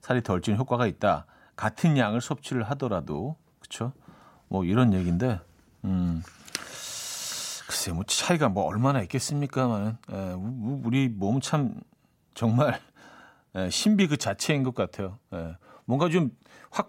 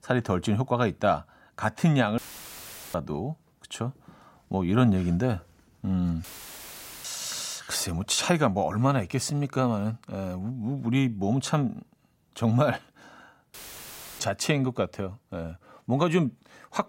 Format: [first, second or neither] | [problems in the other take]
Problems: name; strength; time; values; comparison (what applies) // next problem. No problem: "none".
first | audio cutting out; filled with static; at 2 s for 1 s, at 6 s for 1 s and at 14 s for 0.5 s